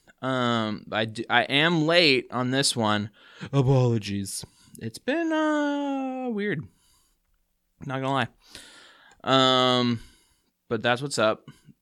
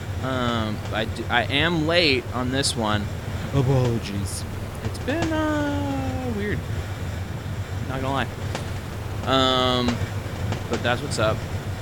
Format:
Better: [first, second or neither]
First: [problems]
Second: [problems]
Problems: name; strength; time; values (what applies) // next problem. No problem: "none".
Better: first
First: none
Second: hiss; loud; throughout; 6 dB below the speech